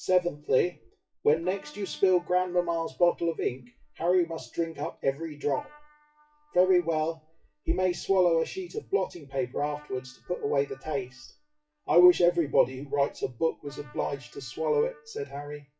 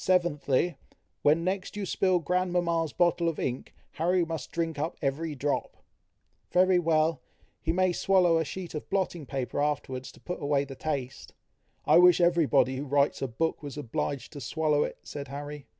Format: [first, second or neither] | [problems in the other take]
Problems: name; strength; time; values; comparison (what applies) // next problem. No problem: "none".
second | noise reduction (classical method WPE with log-MMSE)